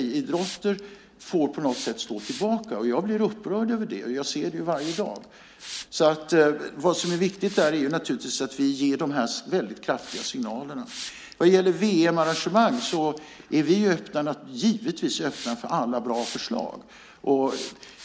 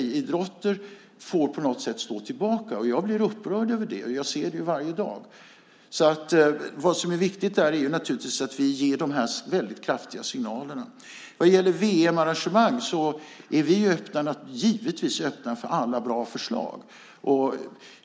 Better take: second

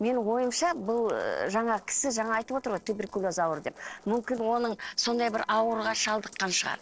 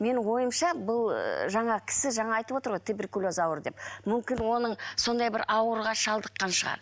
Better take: second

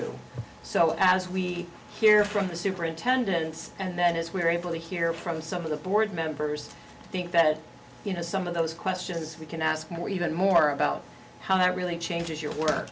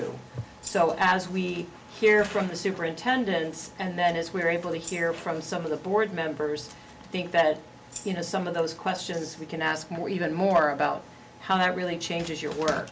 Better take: first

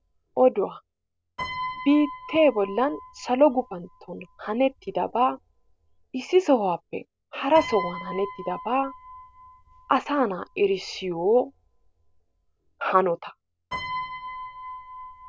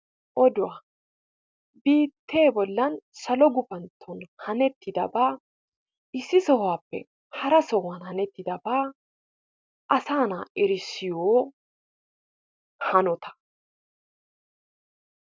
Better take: second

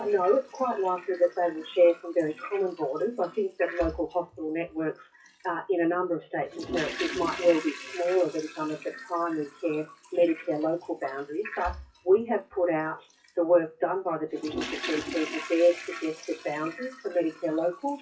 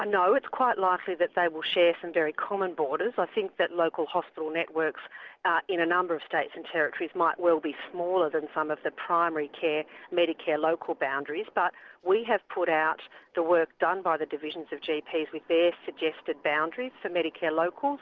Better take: second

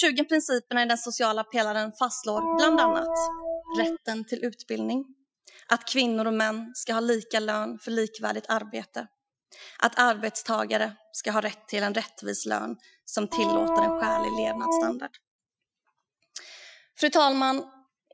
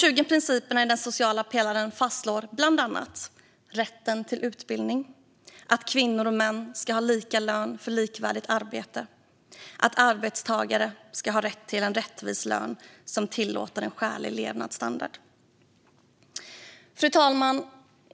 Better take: second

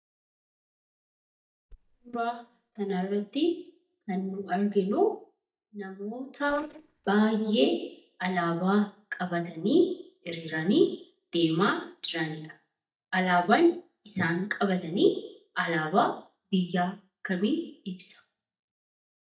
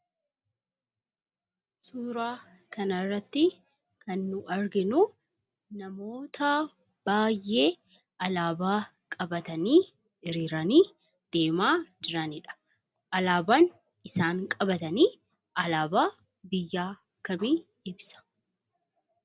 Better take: second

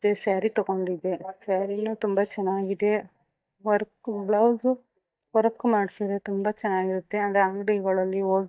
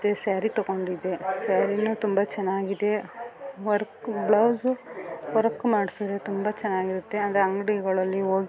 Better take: second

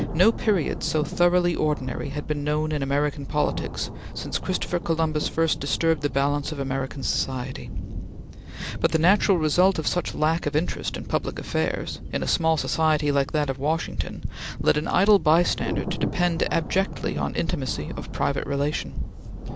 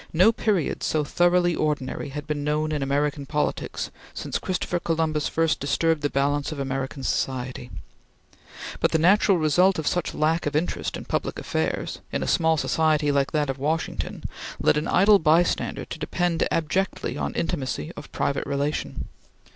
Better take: second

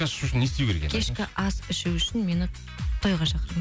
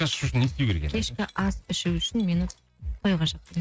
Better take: first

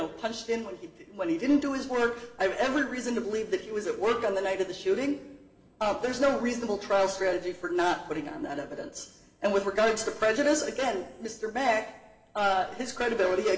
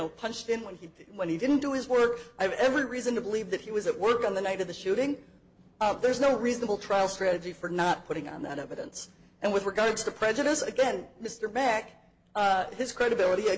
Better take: second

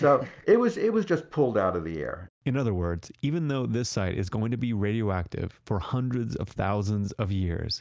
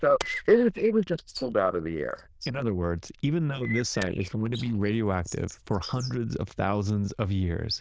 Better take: first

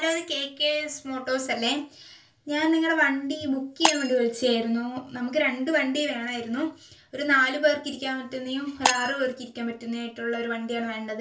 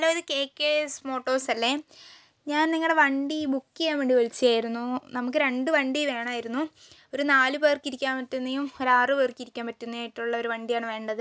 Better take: second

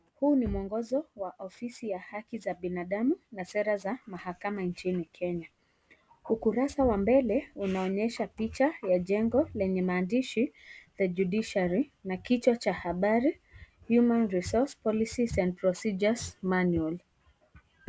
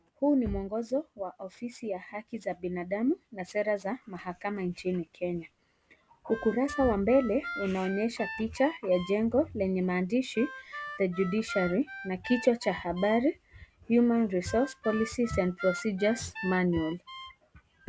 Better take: first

